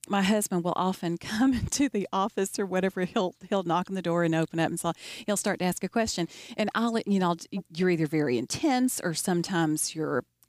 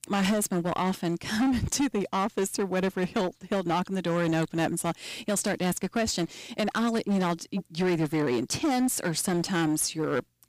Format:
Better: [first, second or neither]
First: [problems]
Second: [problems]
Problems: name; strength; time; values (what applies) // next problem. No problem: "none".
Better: first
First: none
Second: distortion; slight; 14% of the sound clipped